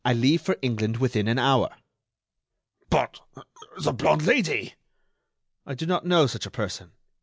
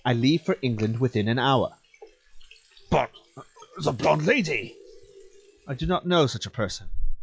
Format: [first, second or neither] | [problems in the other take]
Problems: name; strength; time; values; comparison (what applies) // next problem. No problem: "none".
first | noise reduction (classical method log-MMSE)